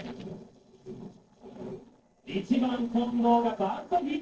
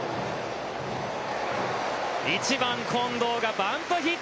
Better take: second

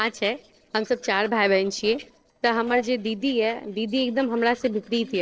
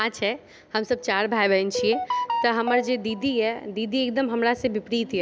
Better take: second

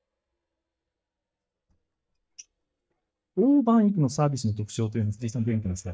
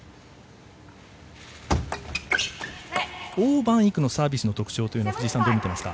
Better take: second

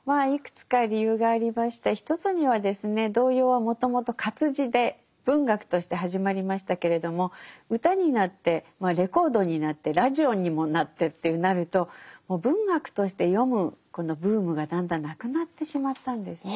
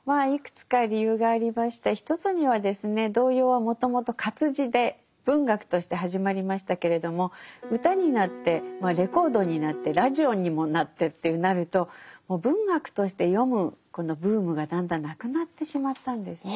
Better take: first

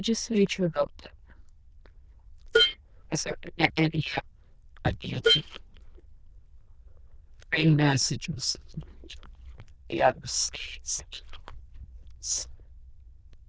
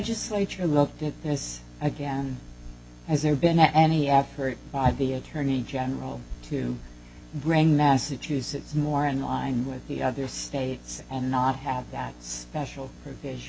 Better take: second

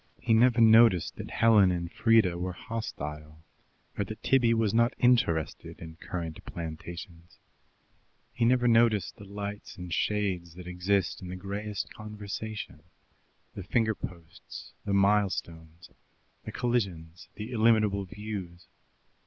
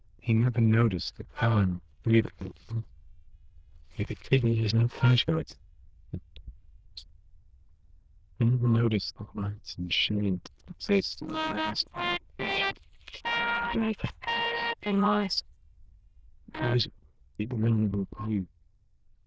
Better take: first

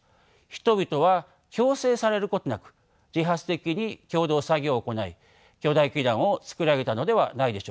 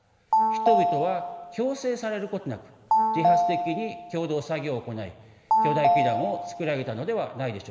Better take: first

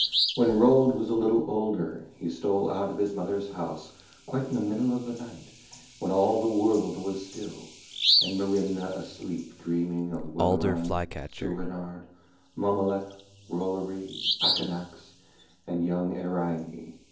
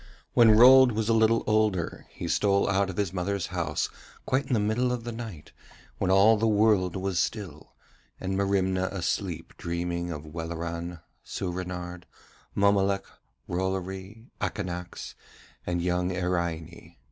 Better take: second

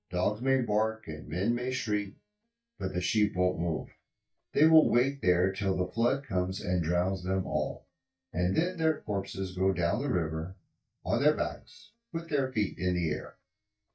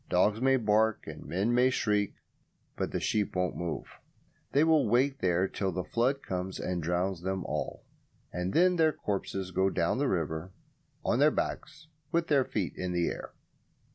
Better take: second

